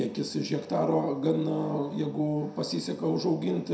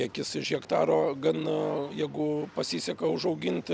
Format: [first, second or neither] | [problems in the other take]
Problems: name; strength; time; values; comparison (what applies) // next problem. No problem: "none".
second | room echo; dies away in 0.5 s